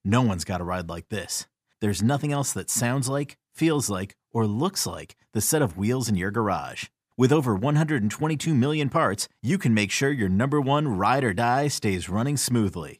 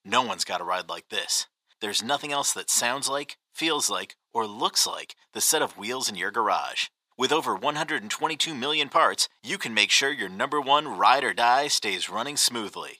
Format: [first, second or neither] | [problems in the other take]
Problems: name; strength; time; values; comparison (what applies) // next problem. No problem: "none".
first | thin; very; fading below 500 Hz